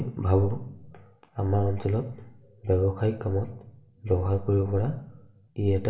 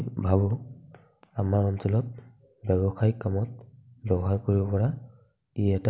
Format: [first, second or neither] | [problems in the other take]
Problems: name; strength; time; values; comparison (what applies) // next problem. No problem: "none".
second | room echo; dies away in 0.6 s